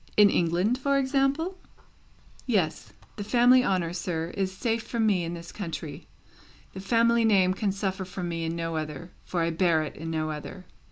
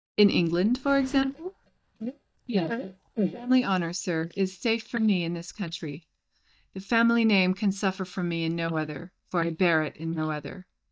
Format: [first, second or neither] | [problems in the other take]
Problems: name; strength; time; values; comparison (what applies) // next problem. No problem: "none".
first | noise reduction (neural mask model DeepFilterNet 3)